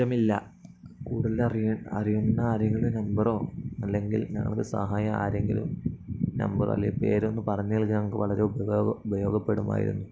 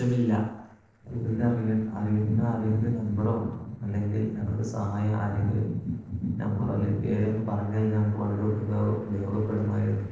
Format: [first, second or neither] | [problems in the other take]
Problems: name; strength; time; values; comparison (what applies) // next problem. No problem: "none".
first | noise reduction (neural separator model SepFormer DNS4)